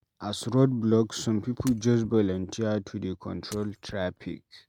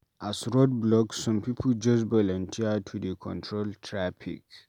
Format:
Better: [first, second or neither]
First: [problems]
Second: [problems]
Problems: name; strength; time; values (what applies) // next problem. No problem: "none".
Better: second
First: noise reduction (neural mask model RNNoise)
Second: none